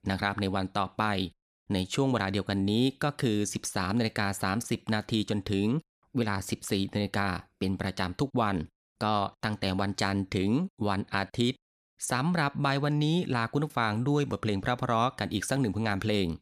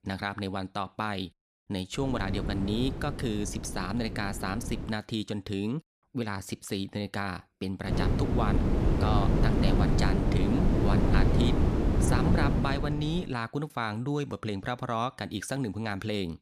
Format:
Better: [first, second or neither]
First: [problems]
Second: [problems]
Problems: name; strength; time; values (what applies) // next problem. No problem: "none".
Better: first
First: none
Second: wind noise on the microphone; heavy; from 2 to 5 s and from 8 to 13 s; as loud as the speech